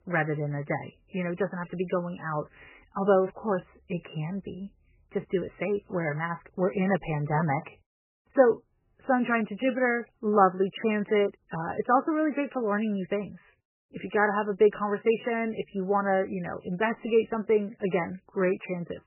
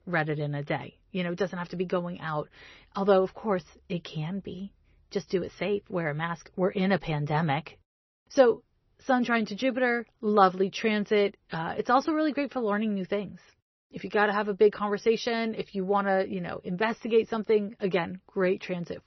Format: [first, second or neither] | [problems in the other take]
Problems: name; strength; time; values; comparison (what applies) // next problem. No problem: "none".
second | garbled, watery; badly; nothing above 3 kHz; slightly in the second